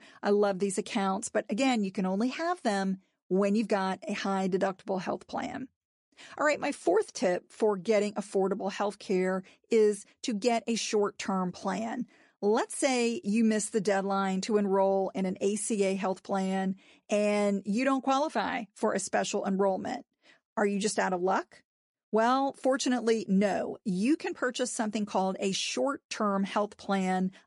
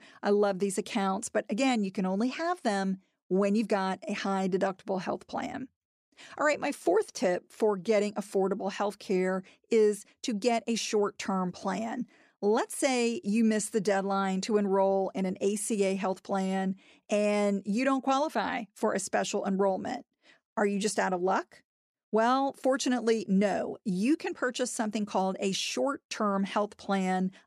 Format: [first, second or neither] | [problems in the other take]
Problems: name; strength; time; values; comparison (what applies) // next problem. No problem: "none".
second | garbled, watery; slightly; nothing above 10.5 kHz